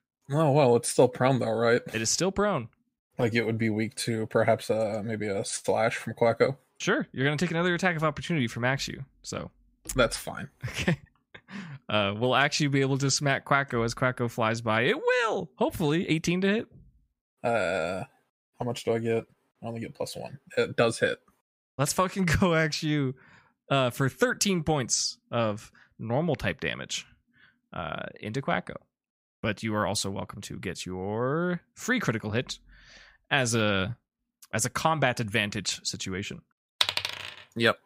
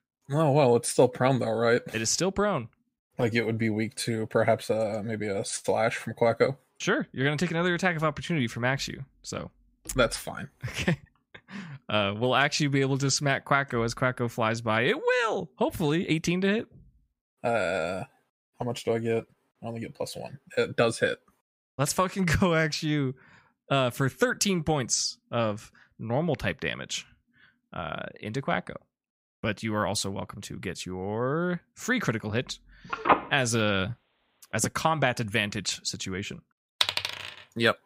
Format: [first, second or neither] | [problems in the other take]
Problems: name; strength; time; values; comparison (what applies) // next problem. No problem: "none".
first | phone ringing; loud; from 33 to 35 s; peak 3 dB above the speech